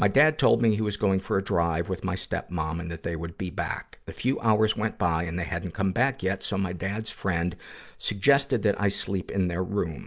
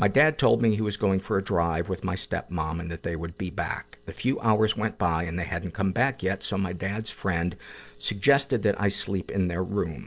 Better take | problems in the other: first | noise reduction (neural separator model SepFormer DNS4)

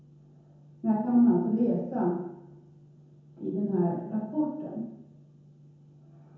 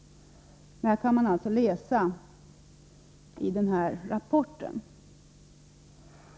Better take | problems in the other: second | room echo; dies away in 0.9 s

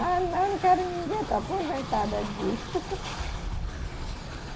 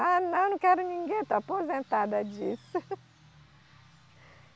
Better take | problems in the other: second | background sound (Train); 6 dB below the speech // room echo; dies away in 0.5 s

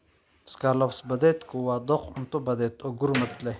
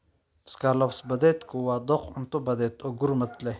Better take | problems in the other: second | background sound (Slam); 16 dB below the speech

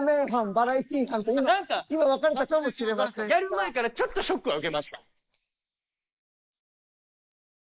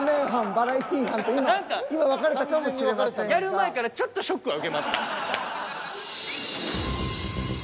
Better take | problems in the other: second | noise reduction (neural mask model Resemble Enhance denoiser)

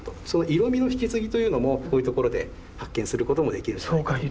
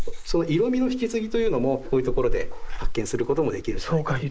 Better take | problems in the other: first | noise reduction (neural mask model Resemble Enhance denoiser)

